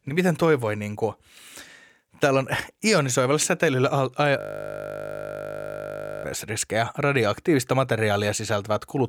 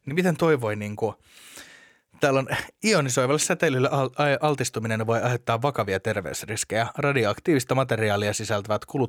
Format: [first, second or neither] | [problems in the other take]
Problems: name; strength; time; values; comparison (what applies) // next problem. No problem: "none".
second | audio freezing; at 4.5 s for 2 s